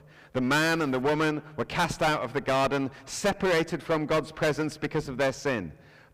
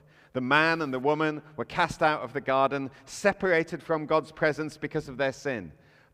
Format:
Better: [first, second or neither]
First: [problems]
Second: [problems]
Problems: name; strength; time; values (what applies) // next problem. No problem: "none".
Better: second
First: distortion; heavy; 13% of the sound clipped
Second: none